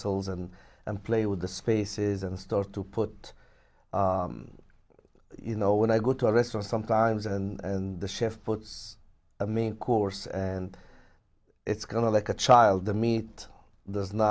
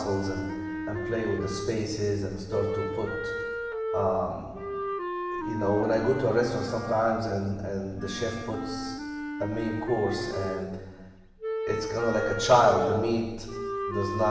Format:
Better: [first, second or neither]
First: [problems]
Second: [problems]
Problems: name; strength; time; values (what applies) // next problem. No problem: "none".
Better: first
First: none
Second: background sound (Wind instrument, woodwind instrument); 5 dB below the speech // room echo; dies away in 1.2 s